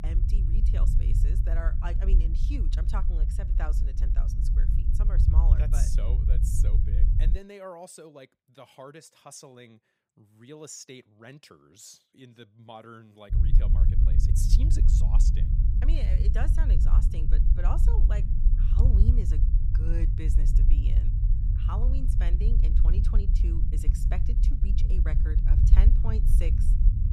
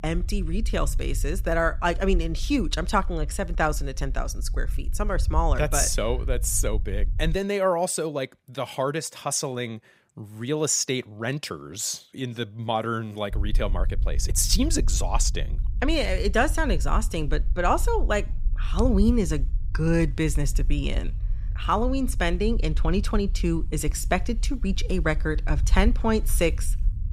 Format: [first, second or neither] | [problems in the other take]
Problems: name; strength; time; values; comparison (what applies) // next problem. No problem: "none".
second | low rumble; loud; until 7.5 s and from 13 s on; 1 dB below the speech; faint in the second